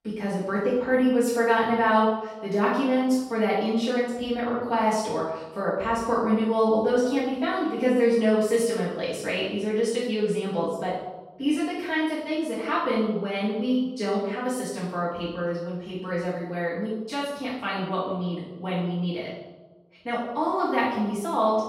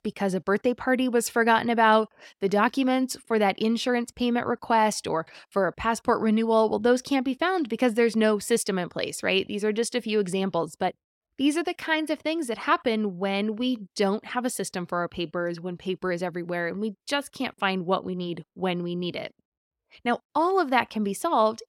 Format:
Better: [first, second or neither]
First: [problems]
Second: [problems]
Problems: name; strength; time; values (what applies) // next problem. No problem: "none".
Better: second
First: off-mic speech; far // room echo; noticeable; dies away in 0.9 s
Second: none